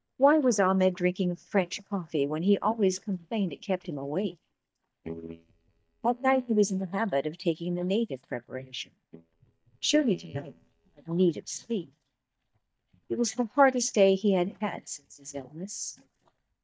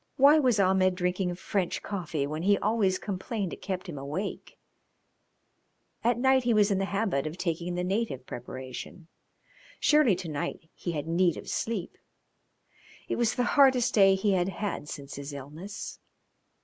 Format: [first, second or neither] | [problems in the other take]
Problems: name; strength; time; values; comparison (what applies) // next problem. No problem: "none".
second | noise reduction (neural mask model DeepFilterNet 3)